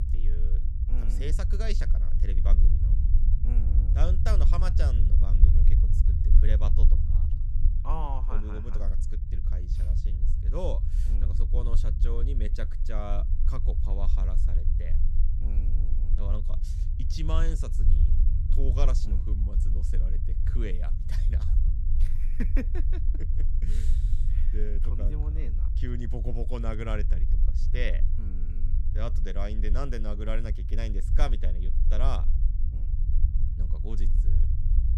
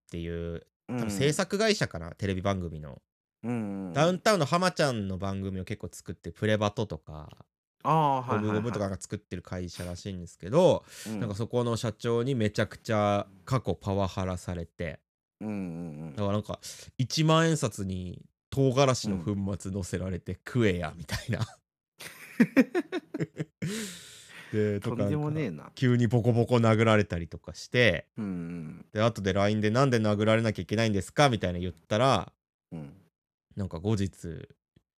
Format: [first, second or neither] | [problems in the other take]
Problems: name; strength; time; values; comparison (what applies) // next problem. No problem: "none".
second | low rumble; loud; throughout; 7 dB below the speech